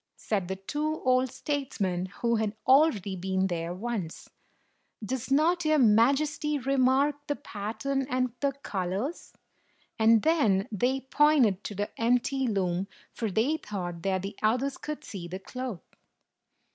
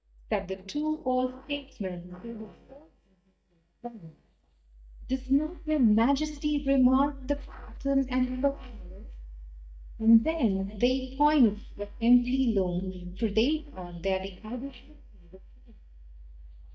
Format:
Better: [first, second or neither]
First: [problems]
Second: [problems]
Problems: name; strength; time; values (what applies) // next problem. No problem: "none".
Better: first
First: none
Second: noise reduction (neural mask model DeepFilterNet 3)